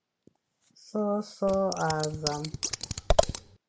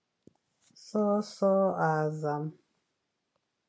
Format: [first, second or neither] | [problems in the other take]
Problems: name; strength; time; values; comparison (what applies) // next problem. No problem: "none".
second | background sound (Scissors); 2 dB above the speech